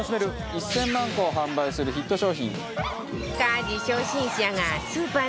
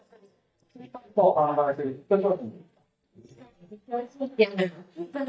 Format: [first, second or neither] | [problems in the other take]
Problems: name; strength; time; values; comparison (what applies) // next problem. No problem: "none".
first | noise reduction (neural mask model DeepFilterNet 3)